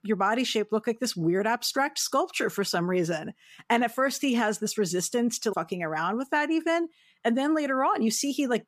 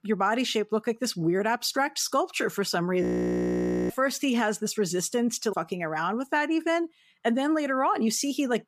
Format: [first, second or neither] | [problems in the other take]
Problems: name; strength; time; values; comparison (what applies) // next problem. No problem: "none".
first | audio freezing; at 3 s for 1 s